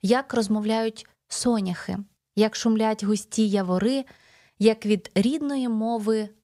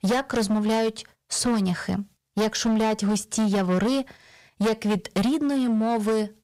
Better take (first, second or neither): first